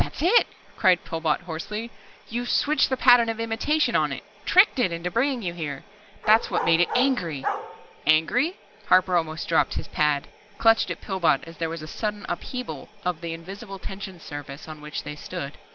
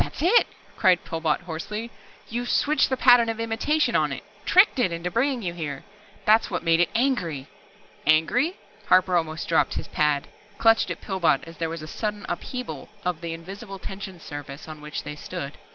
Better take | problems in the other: second | background sound (Bark); 7 dB below the speech

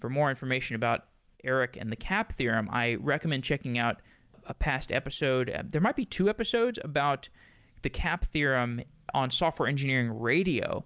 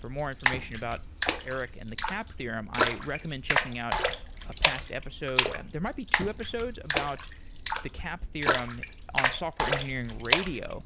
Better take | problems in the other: first | background sound (Splash, splatter); 4 dB above the speech

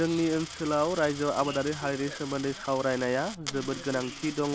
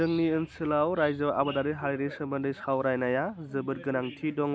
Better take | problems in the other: second | background sound (Coin (dropping)); 13 dB below the speech

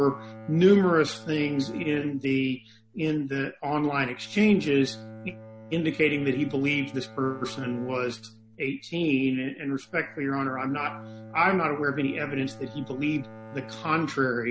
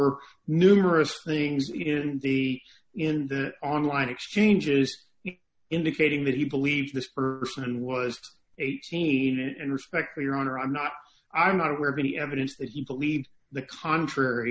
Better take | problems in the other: second | background sound (Bowed string instrument); 18 dB below the speech

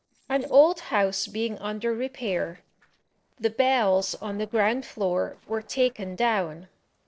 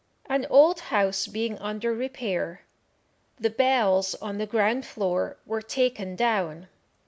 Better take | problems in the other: second | noise reduction (neural separator model SepFormer DNS4)

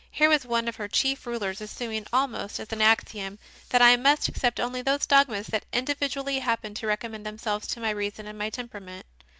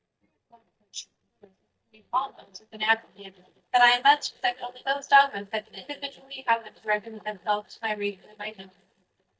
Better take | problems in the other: first | noise reduction (neural mask model DeepFilterNet 3)

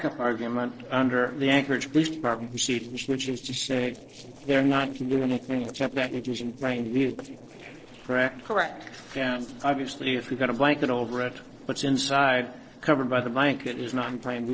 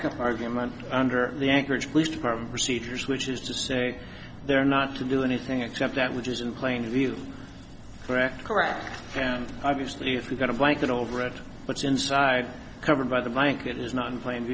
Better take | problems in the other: second | noise reduction (neural separator model SepFormer DNS4)

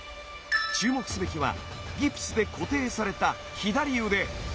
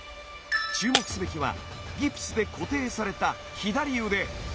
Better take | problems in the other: first | background sound (Shatter); 7 dB below the speech

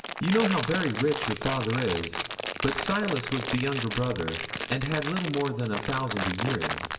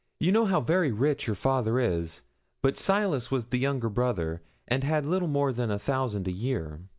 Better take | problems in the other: second | background sound (Crumpling, crinkling); 5 dB below the speech // room echo; dies away in 1.1 s

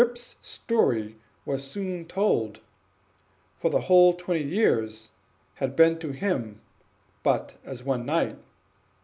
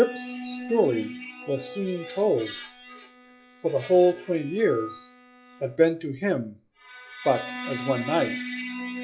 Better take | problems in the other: first | noise reduction (classical method log-MMSE)

